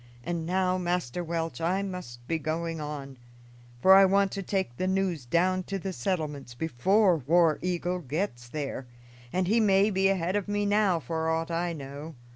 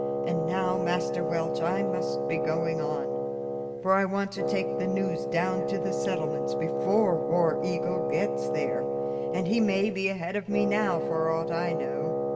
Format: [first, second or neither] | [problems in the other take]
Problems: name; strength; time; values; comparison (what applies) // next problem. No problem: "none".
first | background sound (Wind instrument, woodwind instrument); 1 dB above the speech // room echo; dies away in 1.4 s